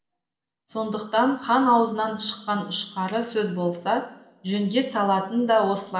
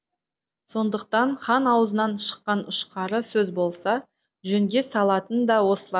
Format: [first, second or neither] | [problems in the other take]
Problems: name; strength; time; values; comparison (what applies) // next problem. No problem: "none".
second | room echo; dies away in 1 s